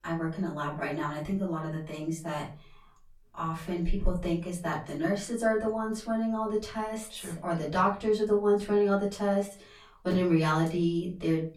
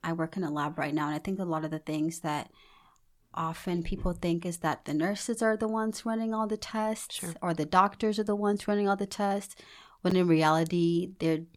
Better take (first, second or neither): second